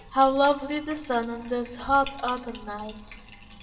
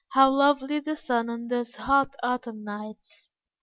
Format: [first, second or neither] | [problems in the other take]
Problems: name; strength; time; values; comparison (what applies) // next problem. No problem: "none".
second | background sound (Bathtub (filling or washing)); 18 dB below the speech // room echo; dies away in 2.9 s